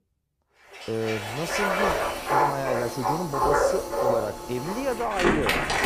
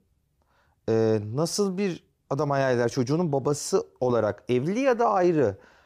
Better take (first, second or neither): second